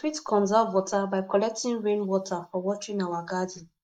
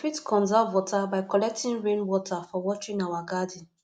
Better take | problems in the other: second | noise reduction (neural mask model Resemble Enhance denoiser)

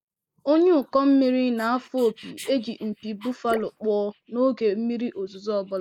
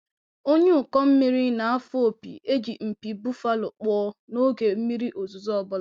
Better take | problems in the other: second | noise reduction (neural mask model Resemble Enhance denoiser)

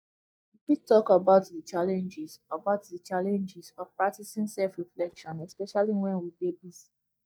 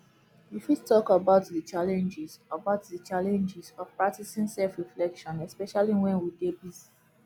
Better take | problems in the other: second | noise reduction (neural mask model DeepFilterNet 3)

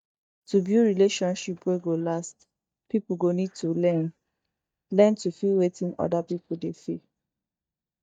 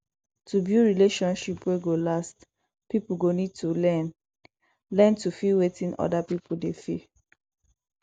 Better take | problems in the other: second | noise reduction (neural mask model DeepFilterNet 3)

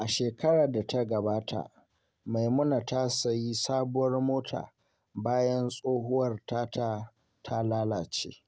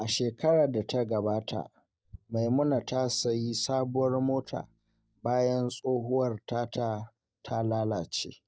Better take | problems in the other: first | noise reduction (neural mask model DeepFilterNet 3)

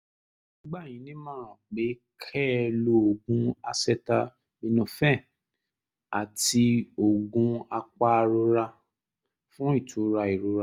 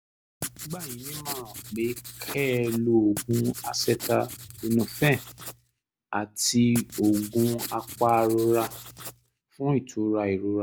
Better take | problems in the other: first | background sound (Writing); 13 dB below the speech

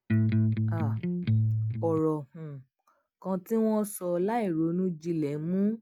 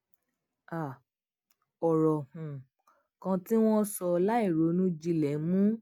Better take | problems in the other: second | background sound (Electric guitar); 4 dB above the speech

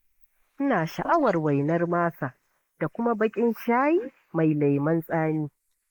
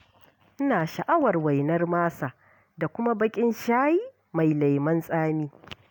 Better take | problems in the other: second | noise reduction (neural mask model Resemble Enhance denoiser)

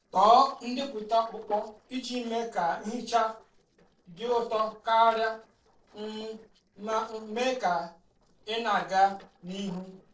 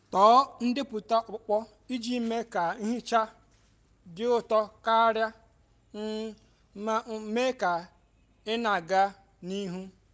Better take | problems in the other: second | noise reduction (neural separator model SepFormer DNS4)

